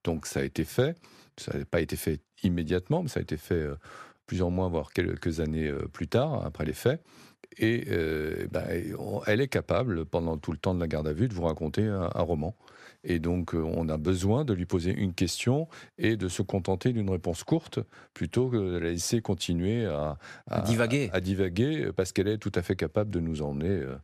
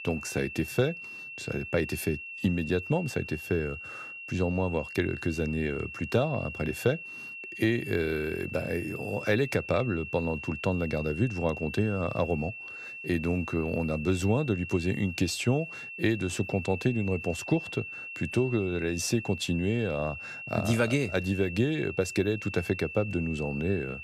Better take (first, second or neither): first